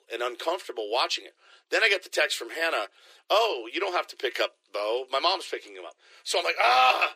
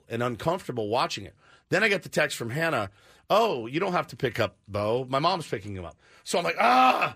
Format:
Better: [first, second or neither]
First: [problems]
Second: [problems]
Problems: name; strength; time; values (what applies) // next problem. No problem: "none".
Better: second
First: thin; very; fading below 350 Hz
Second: none